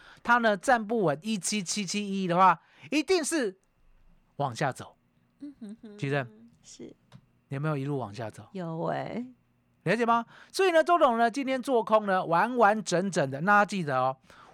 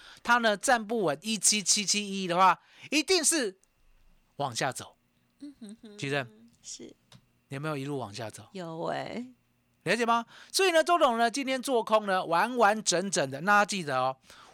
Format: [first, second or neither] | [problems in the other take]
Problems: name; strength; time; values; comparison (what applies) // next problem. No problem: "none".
second | muffled; slightly; fading above 2.5 kHz